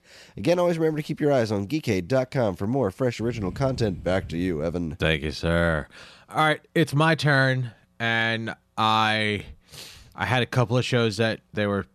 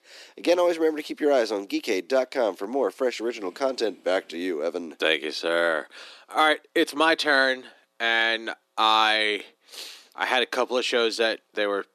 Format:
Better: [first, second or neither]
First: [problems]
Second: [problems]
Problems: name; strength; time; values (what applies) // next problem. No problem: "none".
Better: first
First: none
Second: thin; somewhat; fading below 300 Hz